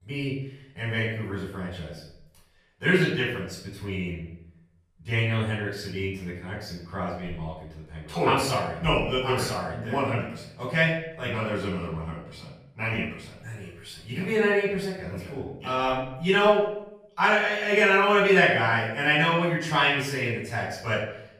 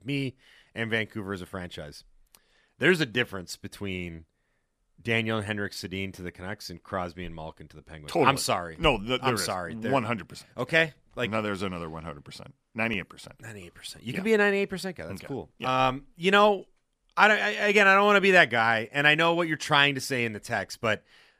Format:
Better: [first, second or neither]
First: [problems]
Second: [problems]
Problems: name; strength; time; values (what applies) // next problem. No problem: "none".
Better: second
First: off-mic speech; far // room echo; noticeable; dies away in 0.7 s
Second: none